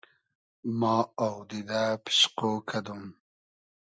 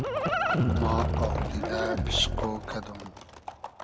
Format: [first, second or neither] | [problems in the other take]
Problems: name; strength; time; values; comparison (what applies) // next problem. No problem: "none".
first | background sound (Livestock, farm animals, working animals); 5 dB above the speech